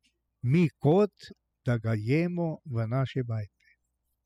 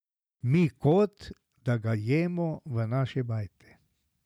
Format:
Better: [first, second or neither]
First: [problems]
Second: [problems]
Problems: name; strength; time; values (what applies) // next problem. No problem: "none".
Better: second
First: noise reduction (classical method spectral subtraction)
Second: none